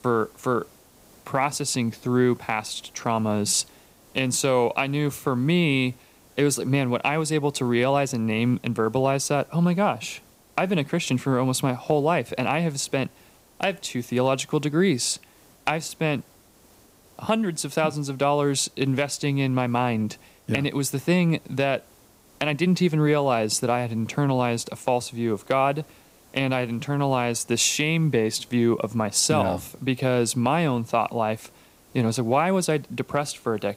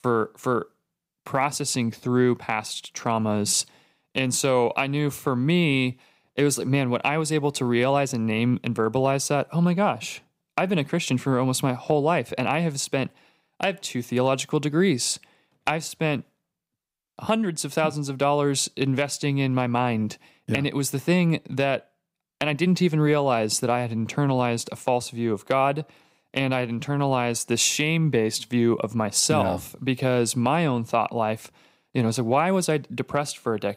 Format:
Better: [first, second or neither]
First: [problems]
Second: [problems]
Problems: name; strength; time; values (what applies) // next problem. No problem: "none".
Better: second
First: hiss; faint; throughout; 30 dB below the speech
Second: none